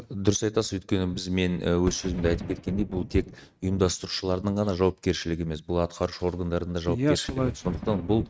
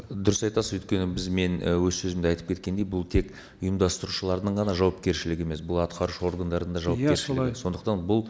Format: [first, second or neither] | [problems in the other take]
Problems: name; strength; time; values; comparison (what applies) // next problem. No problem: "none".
second | noise reduction (neural mask model RNNoise)